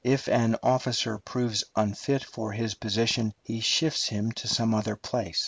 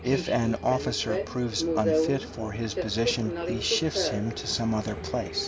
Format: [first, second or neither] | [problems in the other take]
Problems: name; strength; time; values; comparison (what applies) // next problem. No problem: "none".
first | background sound (Subway, metro, underground); 3 dB below the speech